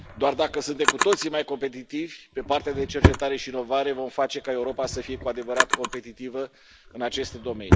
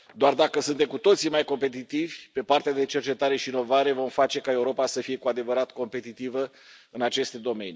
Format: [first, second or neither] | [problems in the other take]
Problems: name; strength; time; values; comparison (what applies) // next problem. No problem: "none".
second | background sound (Drawer open or close); as loud as the speech